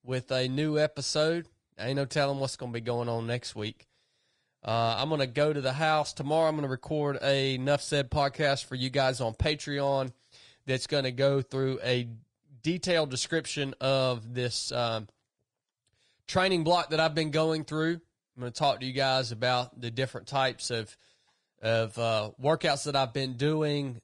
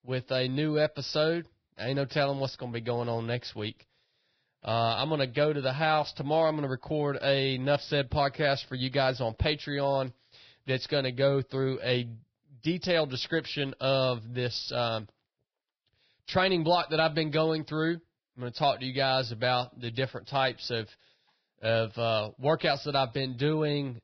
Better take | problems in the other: first | garbled, watery; badly; nothing above 5.5 kHz; slightly in the first

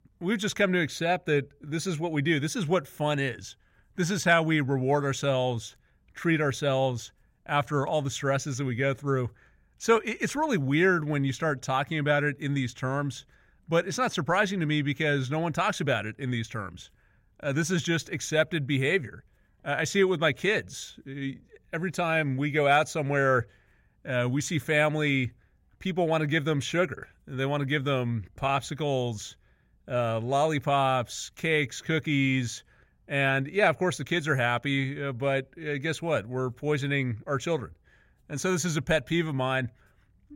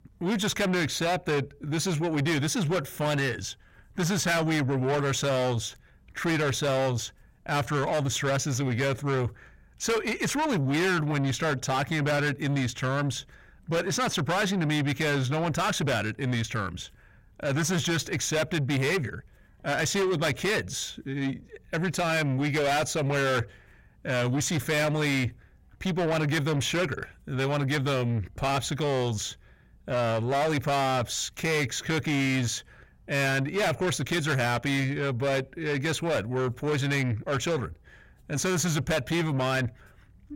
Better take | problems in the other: first | distortion; heavy; 6 dB below the speech

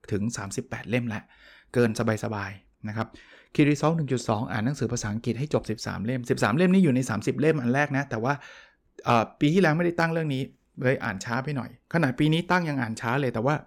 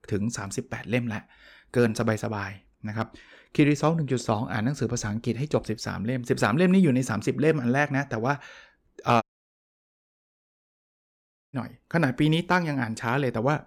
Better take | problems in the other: first | audio cutting out; at 9 s for 2.5 s

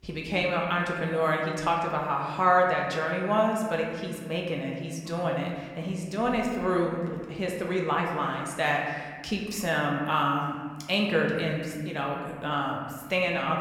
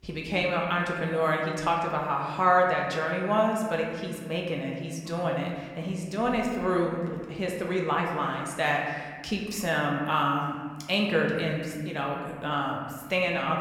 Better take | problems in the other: neither | room echo; noticeable; dies away in 1.4 s; the same in both // off-mic speech; somewhat distant; the same in both

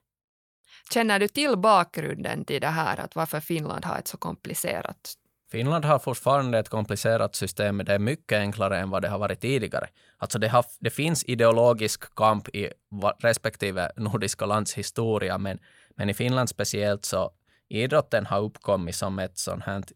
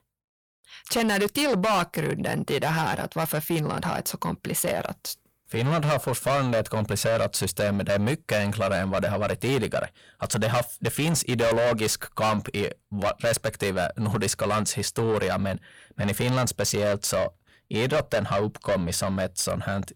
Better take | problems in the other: first | distortion; heavy; 6 dB below the speech

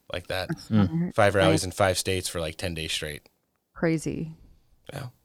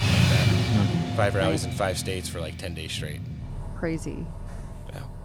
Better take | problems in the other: first | traffic noise; very loud; throughout; 2 dB above the speech

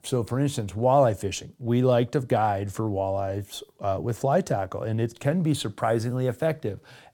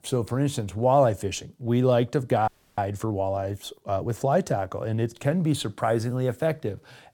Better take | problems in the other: first | audio freezing; at 2.5 s

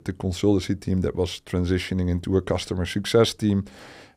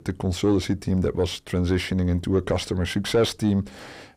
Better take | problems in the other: first | distortion; slight; 10 dB below the speech

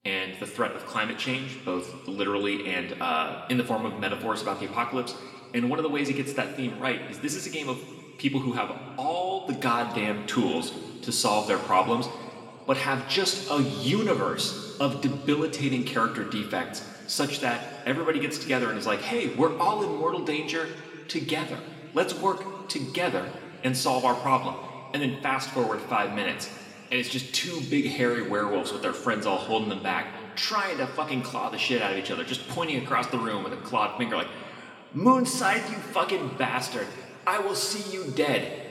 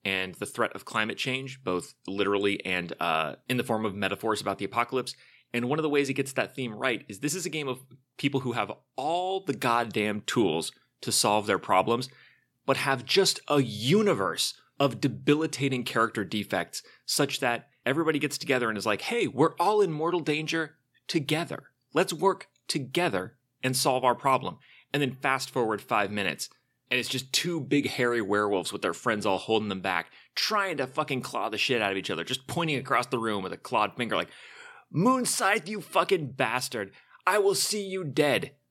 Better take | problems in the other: second | room echo; slight; dies away in 2.1 s // off-mic speech; somewhat distant

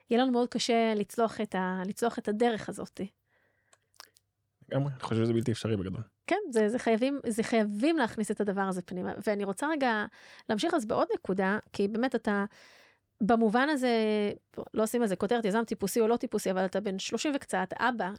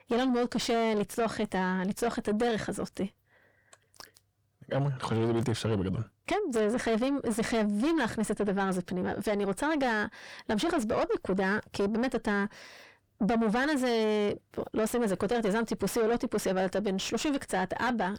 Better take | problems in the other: first | distortion; heavy; 6 dB below the speech

